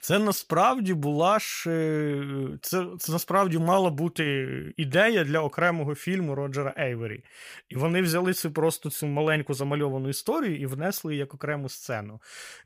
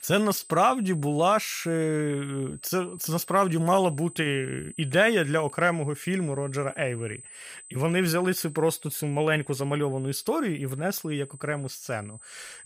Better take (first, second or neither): first